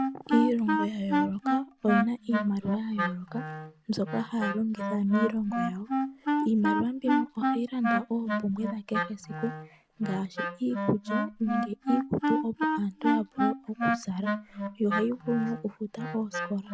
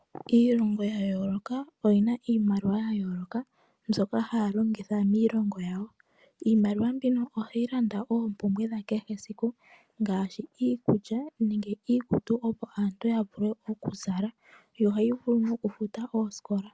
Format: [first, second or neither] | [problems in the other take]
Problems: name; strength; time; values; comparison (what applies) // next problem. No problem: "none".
second | background sound (Wind instrument, woodwind instrument); 1 dB below the speech